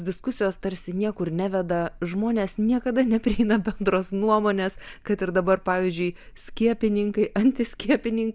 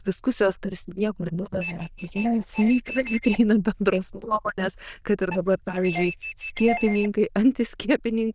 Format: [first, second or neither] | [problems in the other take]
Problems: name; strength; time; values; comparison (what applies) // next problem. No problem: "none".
first | noise reduction (neural diffusion model UNIVERSE++)